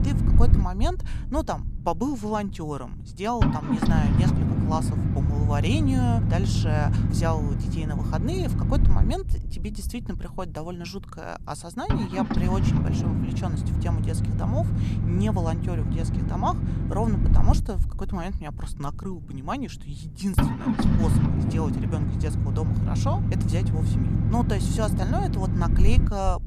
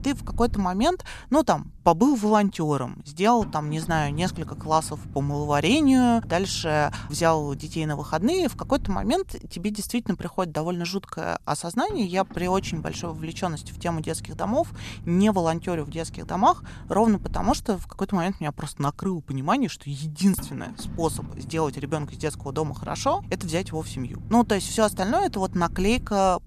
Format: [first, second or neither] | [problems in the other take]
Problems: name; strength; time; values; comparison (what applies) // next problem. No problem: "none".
second | low rumble; loud; throughout; 2 dB below the speech; faint in the second